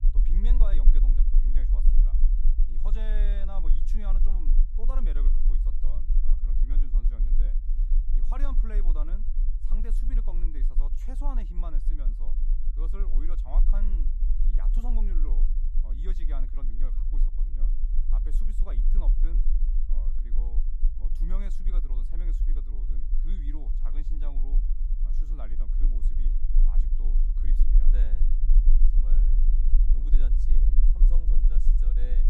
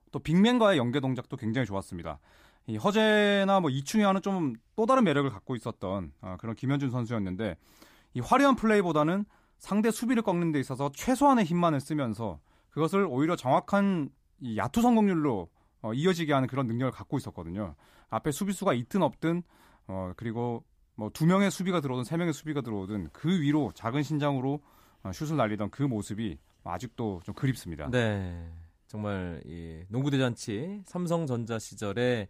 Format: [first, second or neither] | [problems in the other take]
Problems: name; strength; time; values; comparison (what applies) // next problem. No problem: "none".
second | low rumble; loud; throughout; 5 dB below the speech